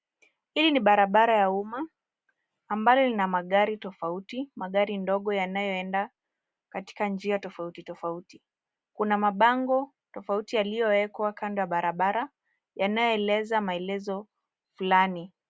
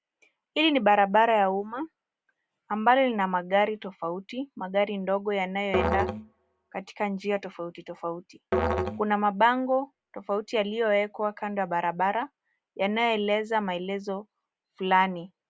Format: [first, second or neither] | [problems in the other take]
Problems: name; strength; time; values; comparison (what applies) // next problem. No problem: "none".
first | background sound (Musical instrument); 6 dB below the speech